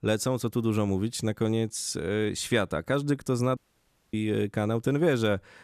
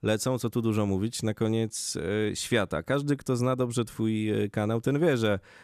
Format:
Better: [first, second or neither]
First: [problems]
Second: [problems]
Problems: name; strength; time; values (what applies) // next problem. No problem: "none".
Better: second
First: audio cutting out; at 3.5 s for 0.5 s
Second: none